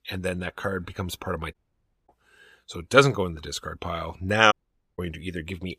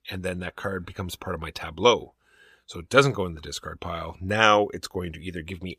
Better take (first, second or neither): second